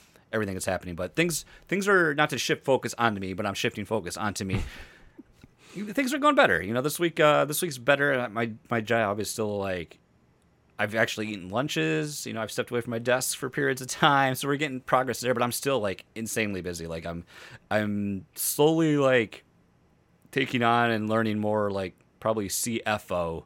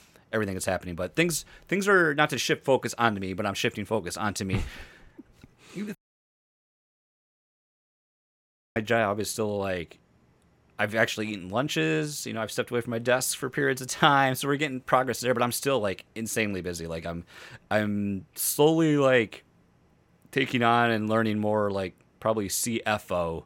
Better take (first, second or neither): first